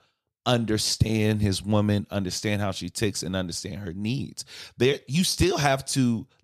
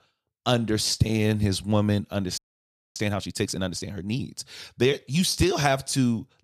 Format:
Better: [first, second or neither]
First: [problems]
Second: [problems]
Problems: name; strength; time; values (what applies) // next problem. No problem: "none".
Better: first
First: none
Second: audio freezing; at 2.5 s for 0.5 s